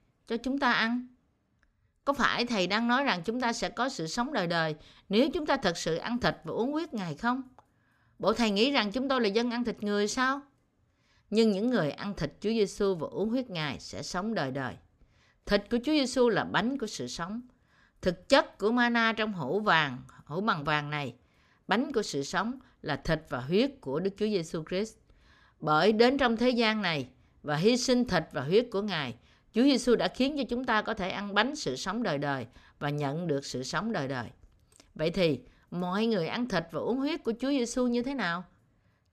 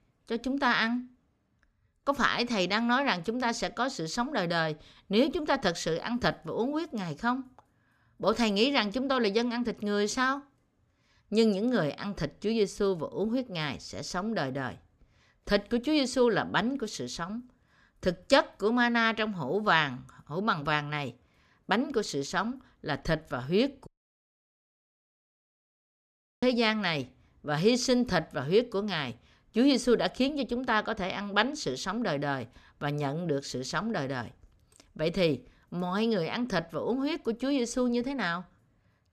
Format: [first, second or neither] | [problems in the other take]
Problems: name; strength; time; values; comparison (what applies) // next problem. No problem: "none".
first | audio cutting out; at 24 s for 2.5 s